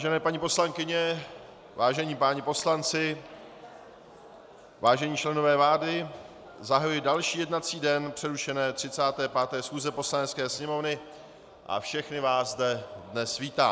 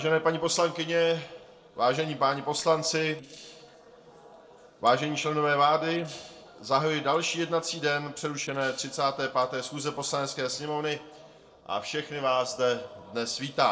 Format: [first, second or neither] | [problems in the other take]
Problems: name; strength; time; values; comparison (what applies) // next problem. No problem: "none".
first | noise reduction (neural separator model SepFormer DNS4)